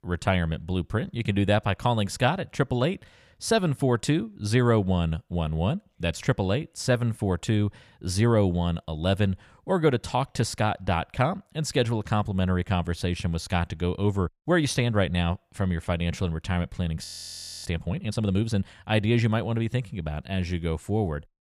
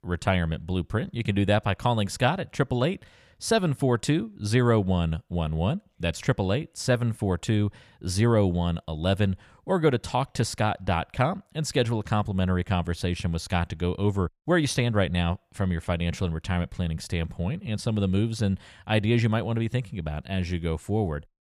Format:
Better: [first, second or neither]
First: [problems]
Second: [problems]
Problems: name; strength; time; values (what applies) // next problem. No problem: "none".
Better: second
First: audio freezing; at 17 s for 0.5 s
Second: none